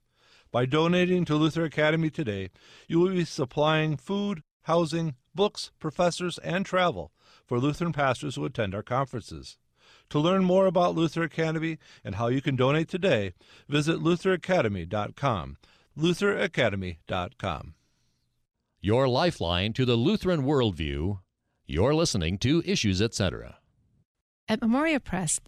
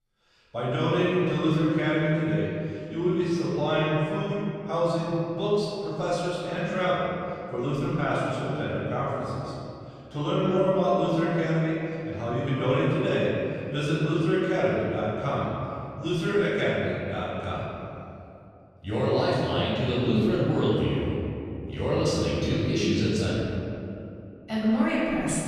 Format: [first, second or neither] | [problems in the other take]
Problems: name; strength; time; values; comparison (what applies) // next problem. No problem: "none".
first | off-mic speech; far // room echo; strong; dies away in 2.4 s